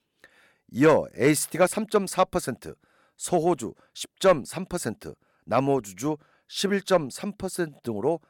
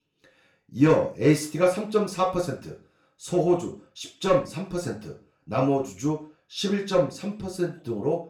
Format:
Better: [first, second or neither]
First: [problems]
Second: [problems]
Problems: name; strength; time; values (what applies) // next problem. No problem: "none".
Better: first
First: none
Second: room echo; slight; dies away in 0.3 s // off-mic speech; far